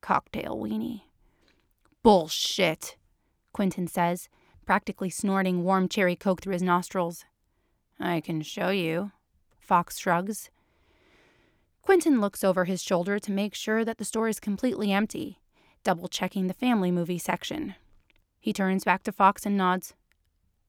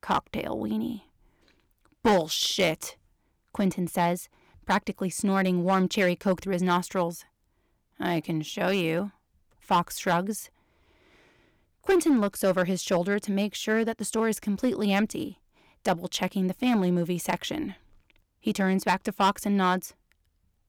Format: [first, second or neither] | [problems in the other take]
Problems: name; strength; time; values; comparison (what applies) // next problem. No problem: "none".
first | distortion; slight; 3% of the sound clipped